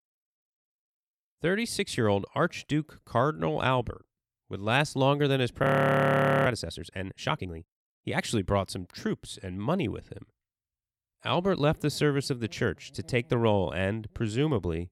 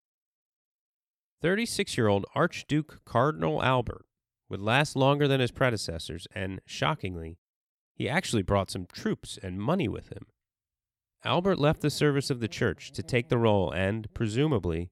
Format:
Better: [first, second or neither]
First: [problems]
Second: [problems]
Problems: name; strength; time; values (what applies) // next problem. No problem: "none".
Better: second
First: audio freezing; at 5.5 s for 1 s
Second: none